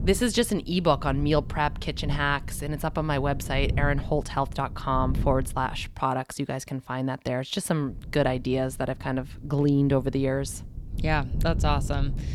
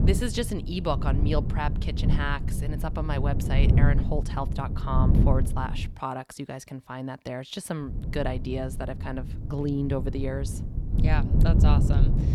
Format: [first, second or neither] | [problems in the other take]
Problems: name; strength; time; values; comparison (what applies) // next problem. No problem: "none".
first | wind noise on the microphone; heavy; until 6 s and from 8 s on; 6 dB below the speech; occasional gusts in the first